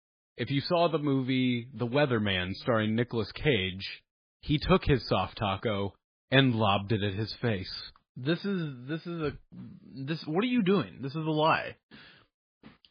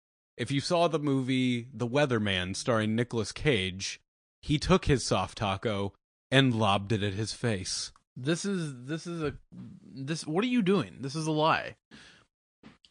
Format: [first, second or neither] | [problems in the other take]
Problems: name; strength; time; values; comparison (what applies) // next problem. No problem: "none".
second | garbled, watery; badly; slightly in the second